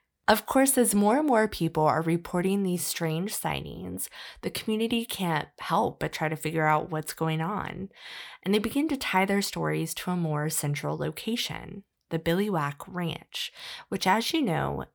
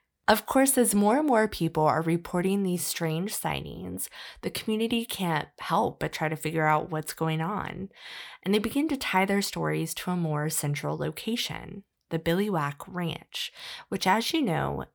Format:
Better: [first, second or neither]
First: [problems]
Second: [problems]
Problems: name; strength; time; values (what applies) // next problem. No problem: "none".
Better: neither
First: none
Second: none